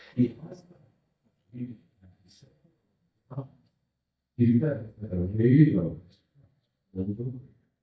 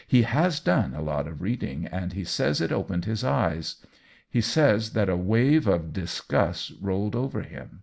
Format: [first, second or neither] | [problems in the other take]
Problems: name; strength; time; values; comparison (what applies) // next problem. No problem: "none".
second | noise reduction (neural mask model DeepFilterNet 3)